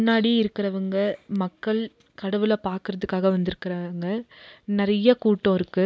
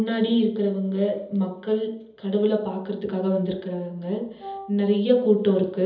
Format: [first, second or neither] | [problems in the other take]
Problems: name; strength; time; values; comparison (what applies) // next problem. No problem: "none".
first | background sound (Wind instrument, woodwind instrument); 15 dB below the speech // room echo; dies away in 0.7 s